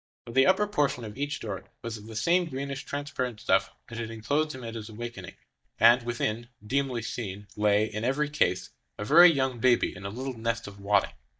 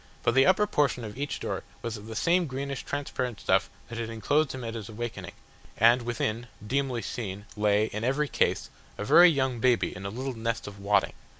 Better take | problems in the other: second | noise reduction (neural mask model DeepFilterNet 3)

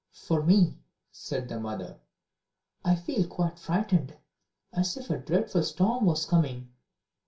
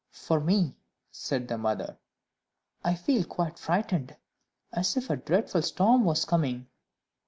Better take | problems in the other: second | room echo; dies away in 0.2 s

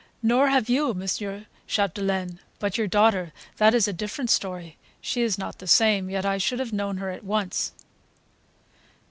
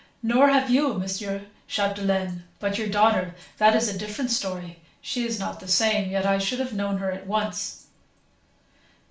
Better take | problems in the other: first | room echo; dies away in 0.4 s

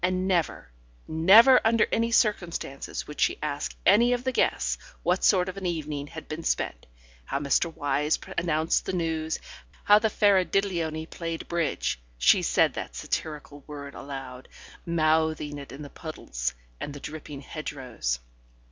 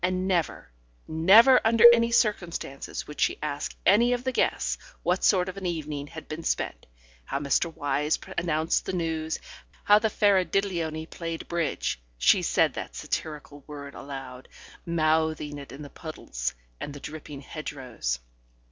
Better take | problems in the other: first | noise reduction (neural separator model SepFormer DNS4)

